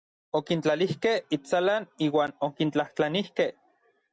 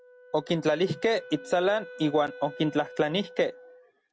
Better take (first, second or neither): first